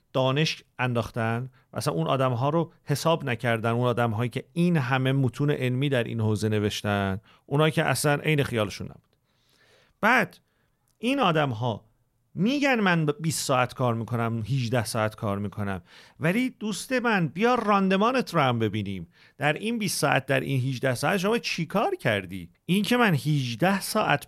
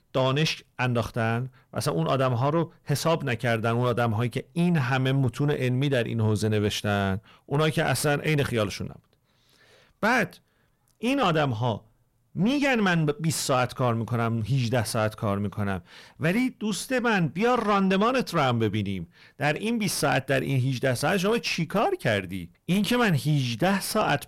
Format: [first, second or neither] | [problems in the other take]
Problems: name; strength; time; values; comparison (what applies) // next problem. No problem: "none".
first | distortion; slight; 10 dB below the speech